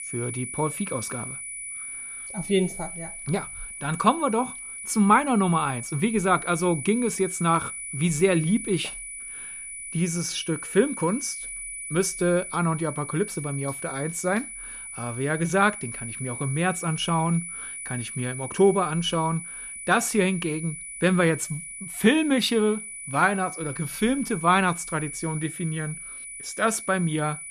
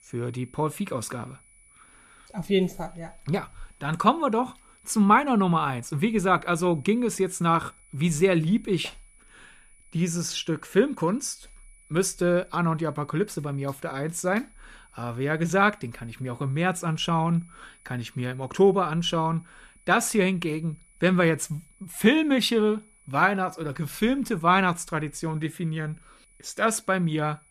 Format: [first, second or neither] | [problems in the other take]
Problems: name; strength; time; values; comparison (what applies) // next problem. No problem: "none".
second | high-pitched whine; loud; throughout; 10 kHz, 9 dB below the speech; faint in the second